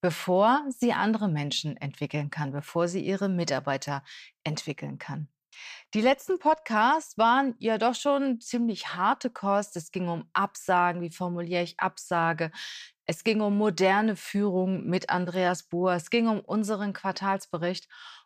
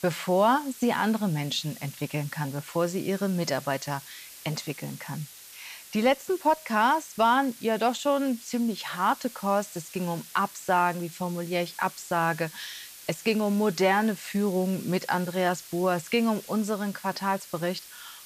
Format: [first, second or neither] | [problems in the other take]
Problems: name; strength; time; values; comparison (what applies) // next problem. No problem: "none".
first | hiss; noticeable; throughout; 15 dB below the speech